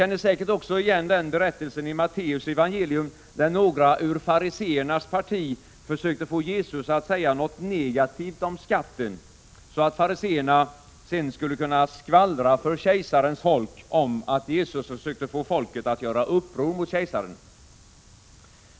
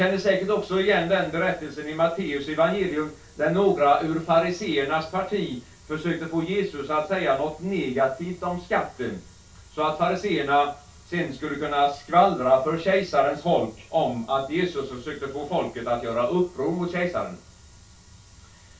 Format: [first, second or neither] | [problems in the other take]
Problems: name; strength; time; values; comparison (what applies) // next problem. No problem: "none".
first | room echo; dies away in 0.3 s